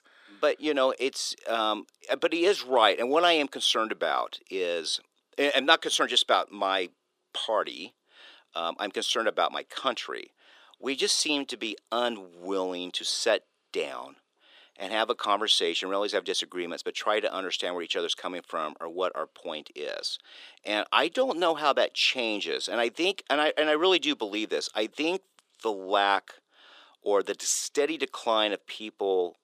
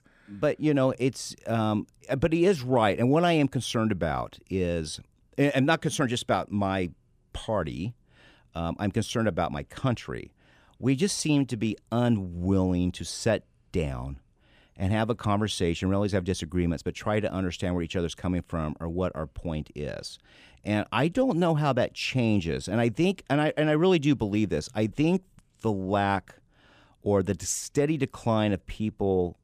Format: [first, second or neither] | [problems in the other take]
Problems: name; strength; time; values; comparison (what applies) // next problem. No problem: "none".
second | thin; very; fading below 350 Hz